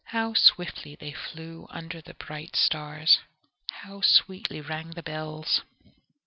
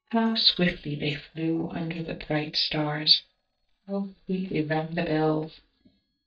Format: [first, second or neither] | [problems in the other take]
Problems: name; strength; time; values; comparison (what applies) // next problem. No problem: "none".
first | noise reduction (neural mask model DeepFilterNet 3)